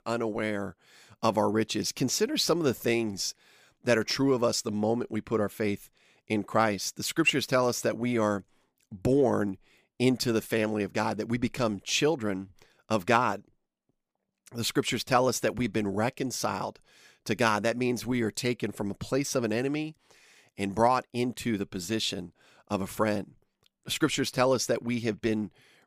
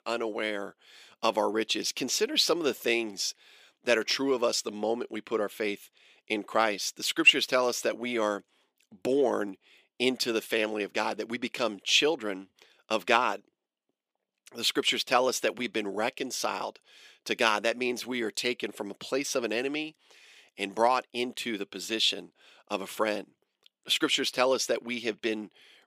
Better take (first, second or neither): first